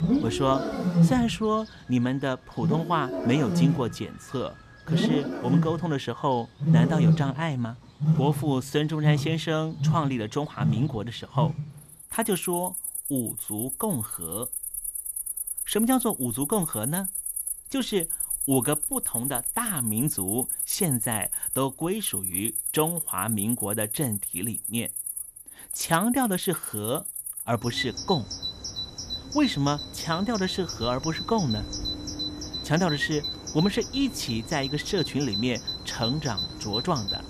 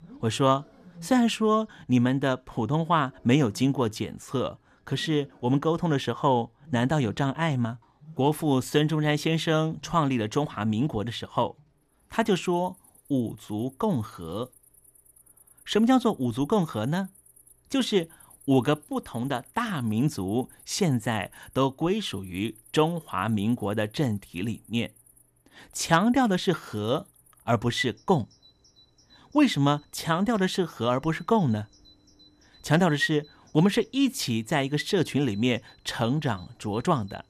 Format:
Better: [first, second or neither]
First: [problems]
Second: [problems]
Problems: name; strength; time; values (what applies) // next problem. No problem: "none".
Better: second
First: animal sounds; loud; throughout; as loud as the speech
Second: animal sounds; faint; throughout; 25 dB below the speech